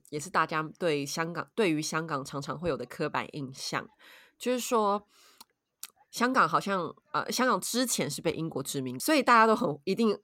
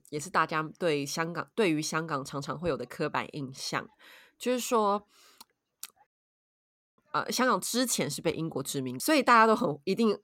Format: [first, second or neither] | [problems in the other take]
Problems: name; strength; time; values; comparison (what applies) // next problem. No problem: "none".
first | audio cutting out; at 6 s for 1 s